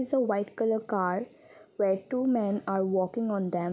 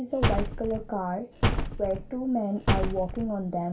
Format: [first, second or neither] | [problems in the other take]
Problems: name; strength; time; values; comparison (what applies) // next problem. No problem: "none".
first | background sound (Slam); 1 dB above the speech // room echo; dies away in 0.2 s